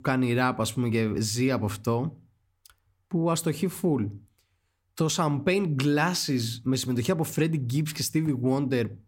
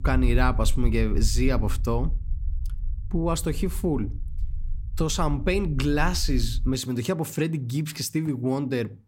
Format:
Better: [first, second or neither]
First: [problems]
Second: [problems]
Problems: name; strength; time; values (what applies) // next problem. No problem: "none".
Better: first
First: none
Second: low rumble; faint; until 6.5 s; 20 dB below the speech